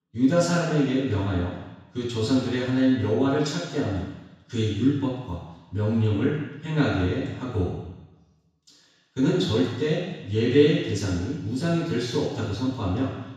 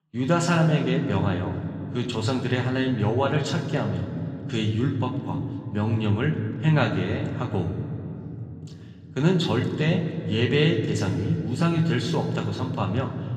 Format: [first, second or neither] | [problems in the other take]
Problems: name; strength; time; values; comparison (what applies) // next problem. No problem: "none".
second | room echo; strong; dies away in 1.1 s; slight in the second // off-mic speech; far; somewhat distant in the second